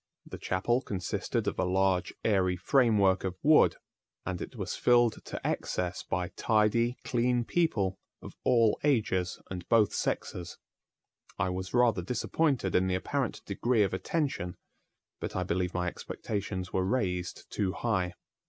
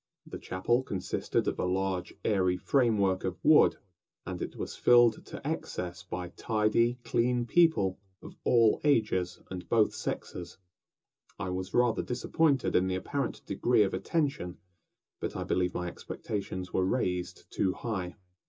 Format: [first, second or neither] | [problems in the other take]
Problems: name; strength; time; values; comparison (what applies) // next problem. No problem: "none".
first | room echo; dies away in 0.2 s